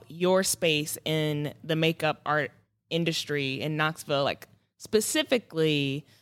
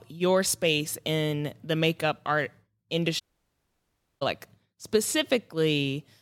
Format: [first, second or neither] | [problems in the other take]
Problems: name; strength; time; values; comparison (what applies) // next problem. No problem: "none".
first | audio cutting out; at 3 s for 1 s